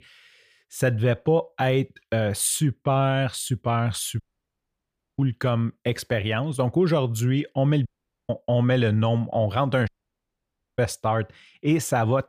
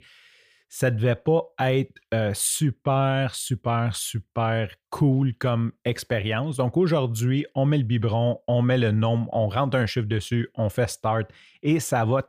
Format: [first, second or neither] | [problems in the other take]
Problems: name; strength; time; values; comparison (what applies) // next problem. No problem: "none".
second | audio cutting out; at 4 s for 1 s, at 8 s and at 10 s for 1 s